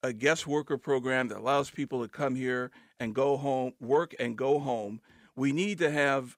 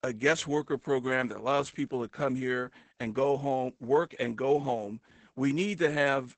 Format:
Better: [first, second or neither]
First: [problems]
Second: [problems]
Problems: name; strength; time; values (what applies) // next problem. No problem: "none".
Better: first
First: none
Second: garbled, watery; badly; nothing above 8 kHz